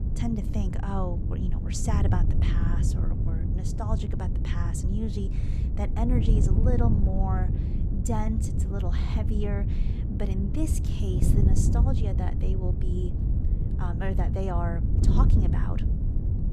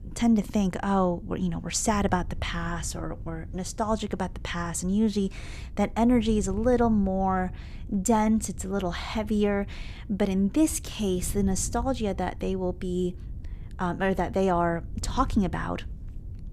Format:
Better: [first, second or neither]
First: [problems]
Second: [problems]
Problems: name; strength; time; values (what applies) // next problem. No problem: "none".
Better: second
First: wind noise on the microphone; heavy; 3 dB below the speech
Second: wind noise on the microphone; occasional gusts; 25 dB below the speech